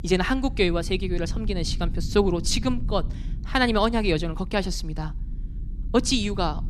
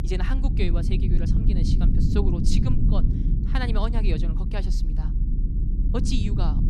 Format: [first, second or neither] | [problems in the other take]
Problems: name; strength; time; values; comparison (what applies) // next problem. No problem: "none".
first | low rumble; loud; throughout; 3 dB below the speech; faint in the first